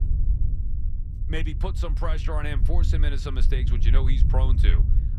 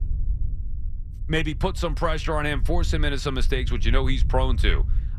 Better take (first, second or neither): second